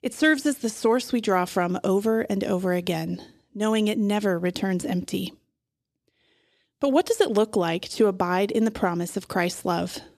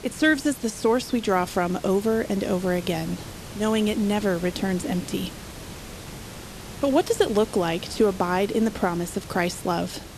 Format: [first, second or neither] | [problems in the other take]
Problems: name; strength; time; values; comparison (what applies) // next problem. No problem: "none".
first | hiss; noticeable; throughout; 15 dB below the speech